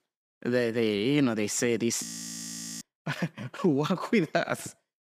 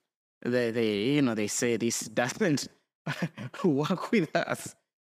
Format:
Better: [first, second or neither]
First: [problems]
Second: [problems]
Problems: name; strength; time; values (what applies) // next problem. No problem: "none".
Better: second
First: audio freezing; at 2 s for 1 s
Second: none